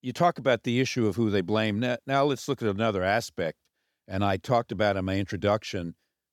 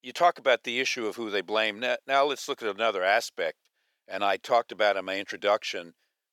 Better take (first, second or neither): first